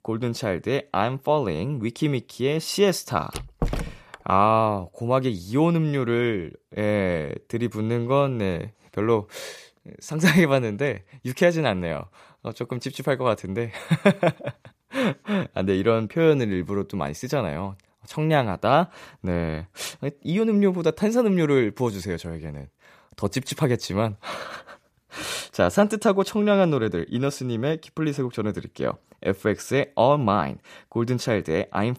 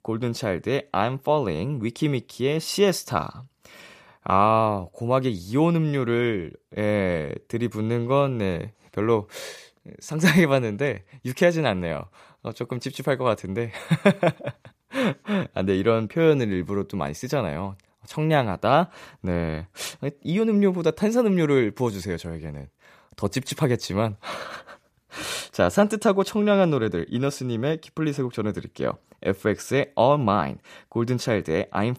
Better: second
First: door banging; noticeable; at 3.5 s; peak 6 dB below the speech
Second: none

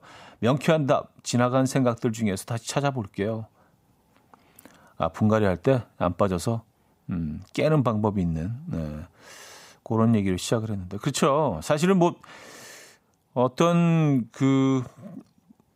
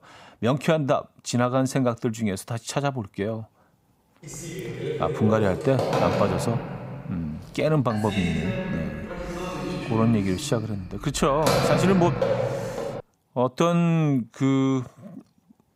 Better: first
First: none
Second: phone ringing; loud; from 4.5 to 13 s; peak 4 dB above the speech

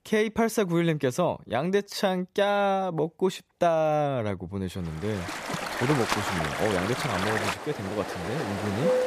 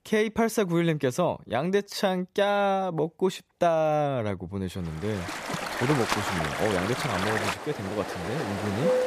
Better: neither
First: rain or running water; loud; from 5.5 s on; 3 dB below the speech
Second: rain or running water; loud; from 5.5 s on; 3 dB below the speech

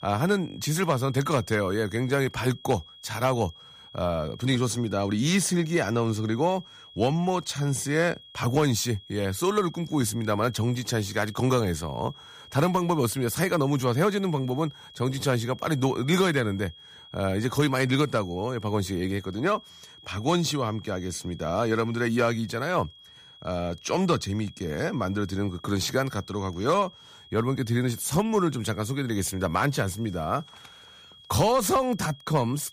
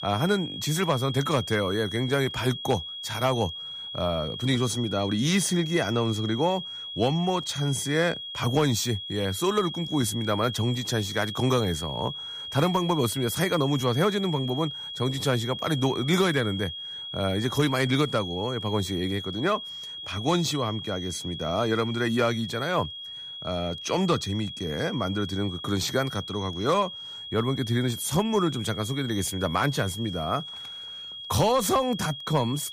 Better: first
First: high-pitched whine; faint; throughout; 3.5 kHz, 20 dB below the speech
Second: high-pitched whine; loud; throughout; 3.5 kHz, 8 dB below the speech

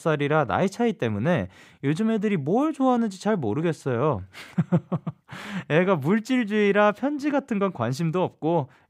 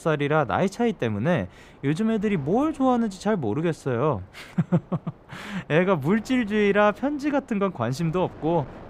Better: first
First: none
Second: wind noise on the microphone; occasional gusts; 25 dB below the speech

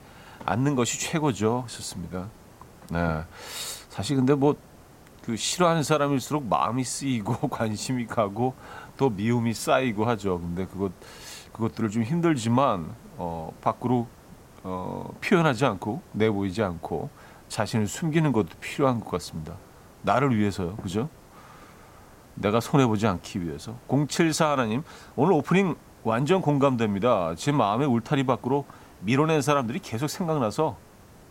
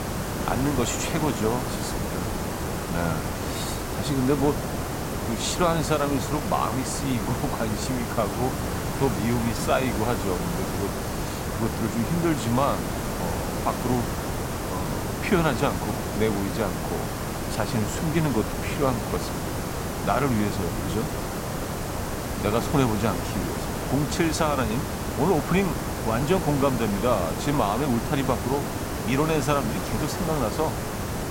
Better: first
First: hiss; faint; throughout; 25 dB below the speech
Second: hiss; loud; throughout; 2 dB below the speech

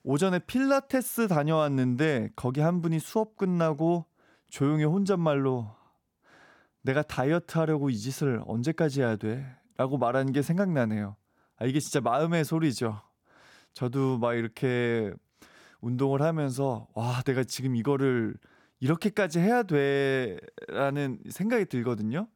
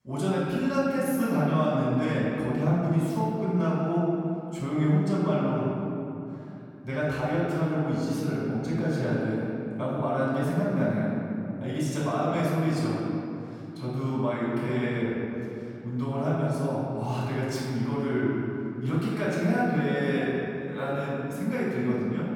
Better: first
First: none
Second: room echo; strong; dies away in 2.9 s // off-mic speech; far

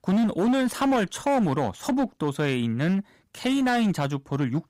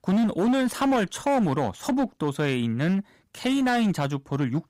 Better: neither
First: distortion; slight; 15% of the sound clipped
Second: distortion; slight; 15% of the sound clipped

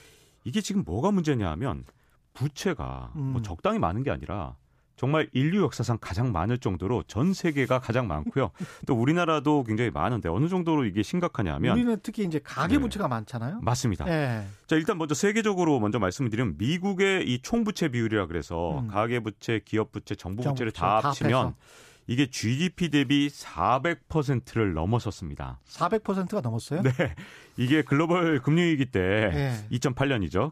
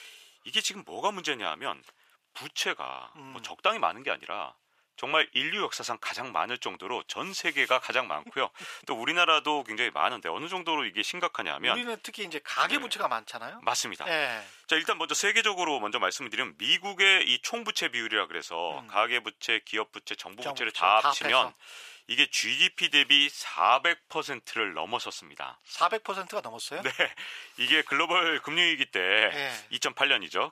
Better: first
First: none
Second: thin; very; fading below 750 Hz

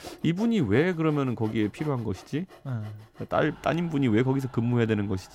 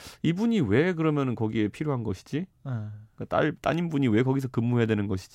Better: second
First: machinery noise; faint; throughout; 20 dB below the speech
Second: none

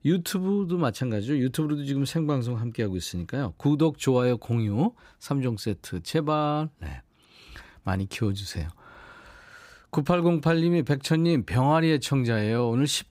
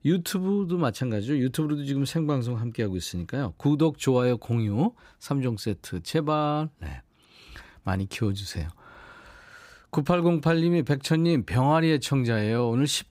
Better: neither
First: none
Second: none

